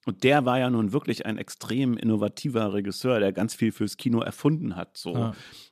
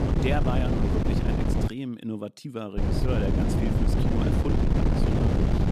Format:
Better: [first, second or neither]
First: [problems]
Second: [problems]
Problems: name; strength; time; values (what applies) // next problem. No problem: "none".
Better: first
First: none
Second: wind noise on the microphone; heavy; until 1.5 s and from 3 s on; 3 dB above the speech